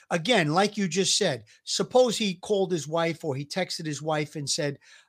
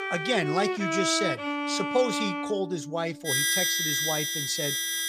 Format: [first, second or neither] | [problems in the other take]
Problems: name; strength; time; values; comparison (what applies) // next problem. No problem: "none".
first | background music; very loud; throughout; 2 dB above the speech